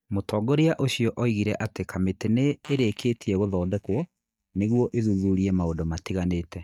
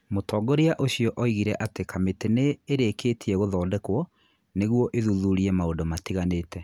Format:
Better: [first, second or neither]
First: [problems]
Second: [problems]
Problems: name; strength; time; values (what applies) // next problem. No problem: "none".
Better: second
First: noise reduction (neural mask model DeepFilterNet 3)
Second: none